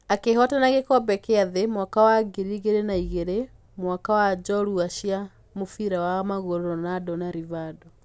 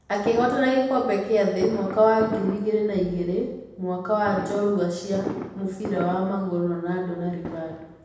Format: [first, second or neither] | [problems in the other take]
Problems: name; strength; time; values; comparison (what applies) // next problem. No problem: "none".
first | background sound (Fireworks); 12 dB below the speech // room echo; dies away in 0.9 s